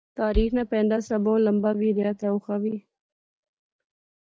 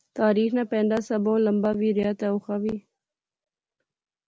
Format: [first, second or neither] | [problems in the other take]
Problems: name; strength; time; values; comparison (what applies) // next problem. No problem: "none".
second | noise reduction (neural mask model DeepFilterNet 3)